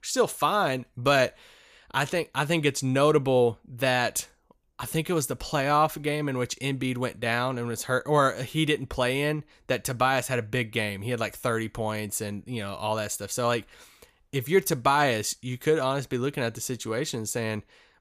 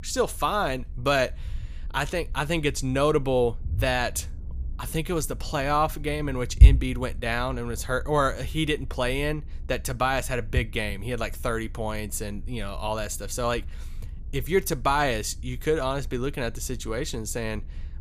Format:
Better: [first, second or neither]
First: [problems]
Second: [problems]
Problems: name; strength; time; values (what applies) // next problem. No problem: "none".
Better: first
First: none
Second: low rumble; faint; throughout; 25 dB below the speech